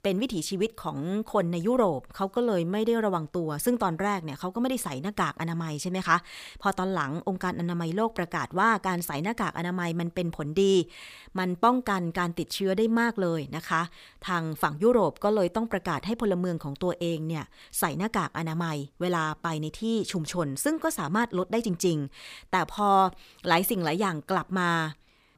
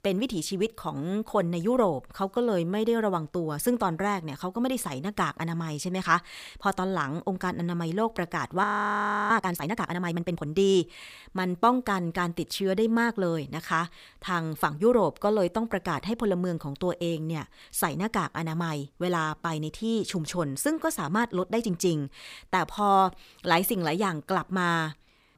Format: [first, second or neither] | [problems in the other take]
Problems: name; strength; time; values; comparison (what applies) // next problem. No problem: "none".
first | audio freezing; at 8.5 s for 0.5 s